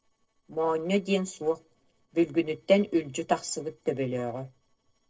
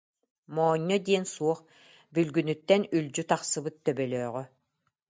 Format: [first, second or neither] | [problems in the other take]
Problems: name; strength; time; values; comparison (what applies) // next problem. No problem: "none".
second | noise reduction (neural separator model SepFormer DNS4)